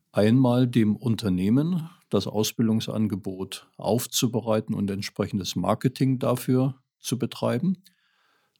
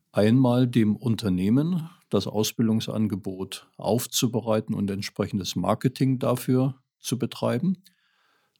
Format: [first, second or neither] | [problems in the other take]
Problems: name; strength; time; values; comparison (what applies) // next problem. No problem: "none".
neither | none